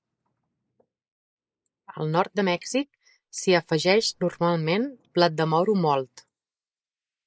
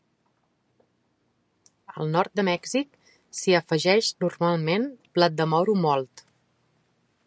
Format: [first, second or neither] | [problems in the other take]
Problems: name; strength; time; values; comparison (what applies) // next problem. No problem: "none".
second | noise reduction (neural mask model Resemble Enhance denoiser)